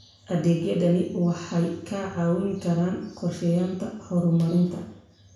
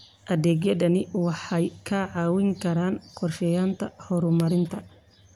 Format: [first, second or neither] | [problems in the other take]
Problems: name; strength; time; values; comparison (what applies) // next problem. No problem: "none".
second | room echo; dies away in 0.7 s